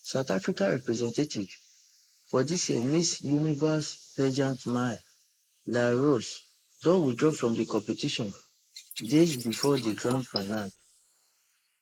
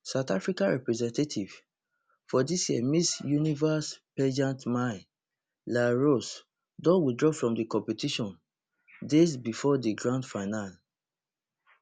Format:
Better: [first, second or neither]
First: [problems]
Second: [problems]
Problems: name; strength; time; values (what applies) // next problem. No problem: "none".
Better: second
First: noise reduction (neural mask model Resemble Enhance denoiser)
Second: none